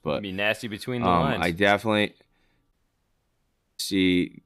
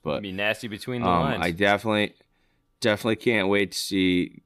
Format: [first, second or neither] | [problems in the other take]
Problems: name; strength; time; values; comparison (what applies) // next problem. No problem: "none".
second | audio cutting out; at 2.5 s for 1 s